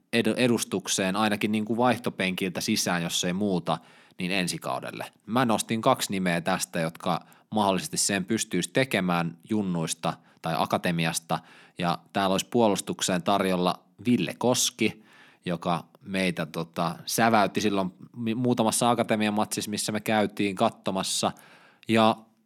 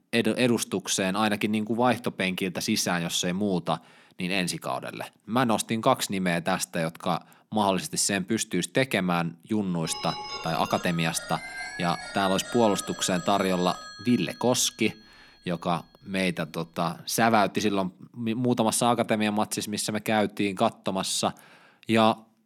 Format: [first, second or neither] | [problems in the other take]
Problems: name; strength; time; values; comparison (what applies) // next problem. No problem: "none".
first | phone ringing; noticeable; from 10 to 15 s; peak 7 dB below the speech